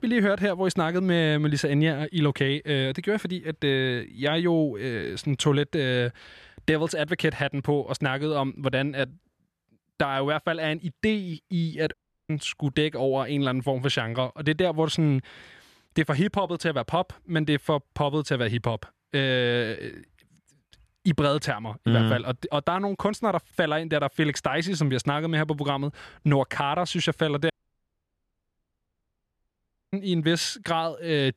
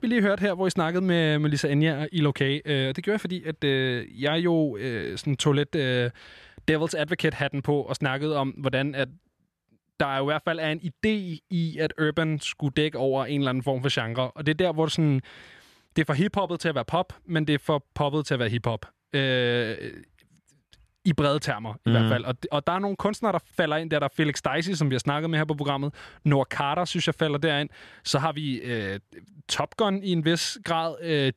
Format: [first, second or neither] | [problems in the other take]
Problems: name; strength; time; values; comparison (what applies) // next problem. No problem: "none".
second | audio cutting out; at 12 s and at 28 s for 2.5 s